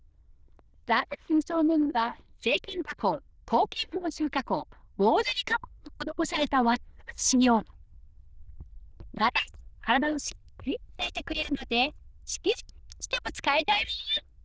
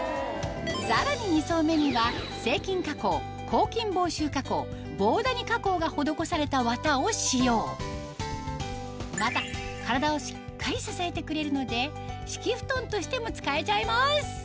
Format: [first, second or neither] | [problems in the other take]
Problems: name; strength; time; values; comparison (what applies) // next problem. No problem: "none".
second | noise reduction (neural diffusion model UNIVERSE++)